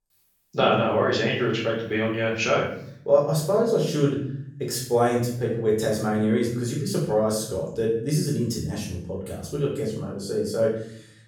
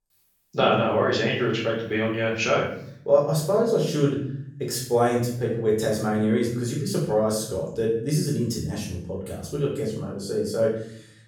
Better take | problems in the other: neither | room echo; noticeable; dies away in 0.6 s; the same in both // off-mic speech; far; the same in both

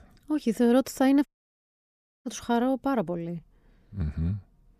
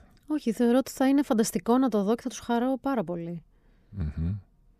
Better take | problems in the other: second | audio cutting out; at 1.5 s for 1 s

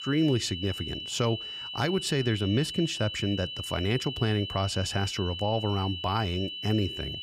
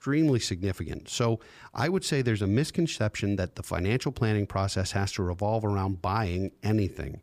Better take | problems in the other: second | high-pitched whine; loud; throughout; 3 kHz, 6 dB below the speech

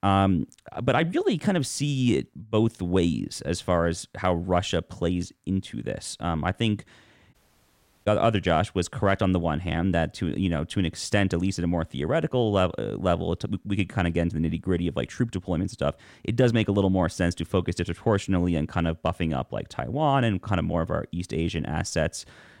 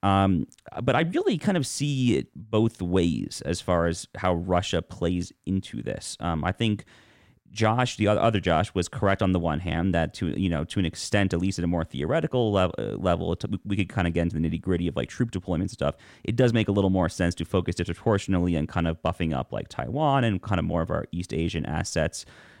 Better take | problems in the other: second | audio cutting out; at 7.5 s for 0.5 s

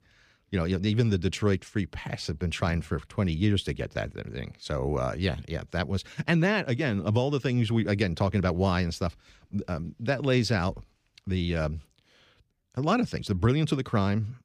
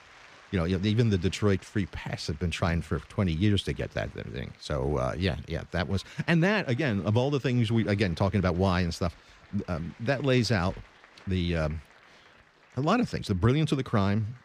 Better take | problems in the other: first | crowd noise; faint; throughout; 25 dB below the speech

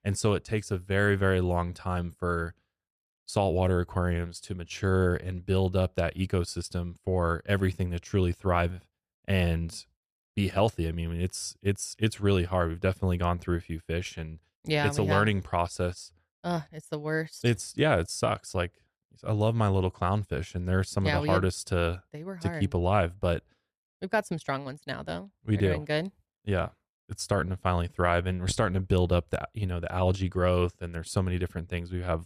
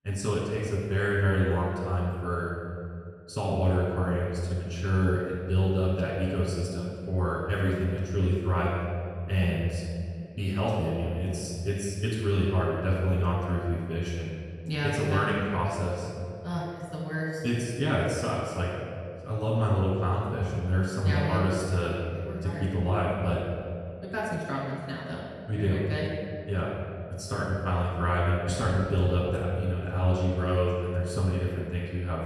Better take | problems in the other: first | room echo; strong; dies away in 2 s // off-mic speech; far

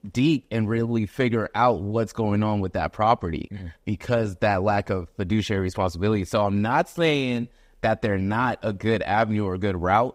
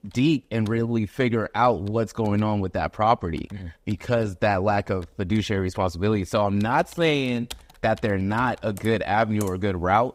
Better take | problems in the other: first | household noises; faint; throughout; 25 dB below the speech

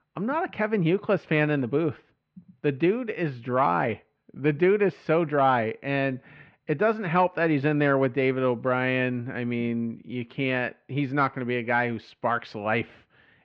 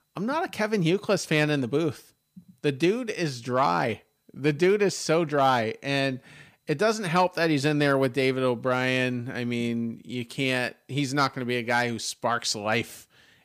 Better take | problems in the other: second | muffled; very; fading above 2.5 kHz

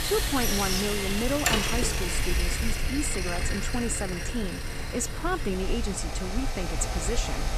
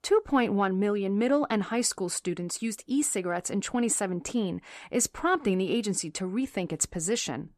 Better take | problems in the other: second | machinery noise; very loud; throughout; 2 dB above the speech

